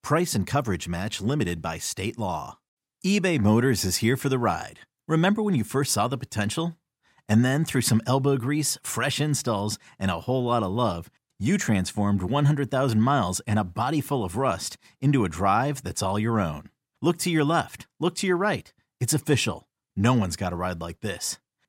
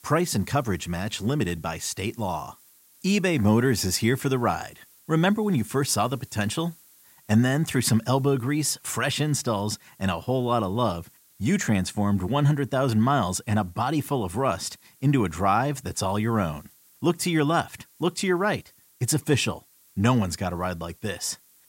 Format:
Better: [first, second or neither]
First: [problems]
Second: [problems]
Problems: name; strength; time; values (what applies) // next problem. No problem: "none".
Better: first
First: none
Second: hiss; faint; throughout; 30 dB below the speech